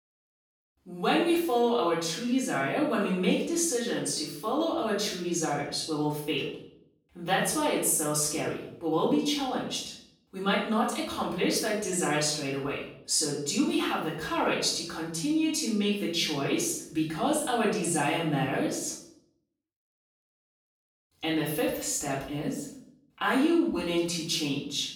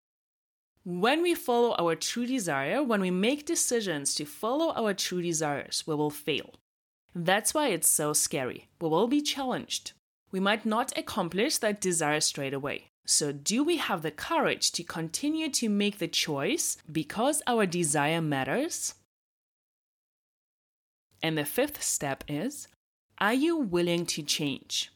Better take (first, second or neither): second